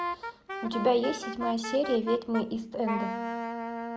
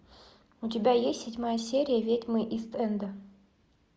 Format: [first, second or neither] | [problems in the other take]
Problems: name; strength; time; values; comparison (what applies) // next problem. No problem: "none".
second | background sound (Wind instrument, woodwind instrument); 5 dB below the speech